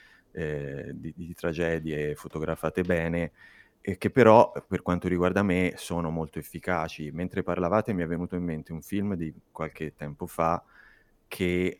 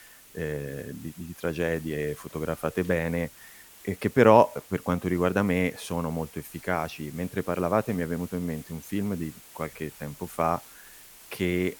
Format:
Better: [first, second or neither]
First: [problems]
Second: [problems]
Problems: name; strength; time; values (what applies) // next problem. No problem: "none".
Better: first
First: none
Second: hiss; noticeable; throughout; 20 dB below the speech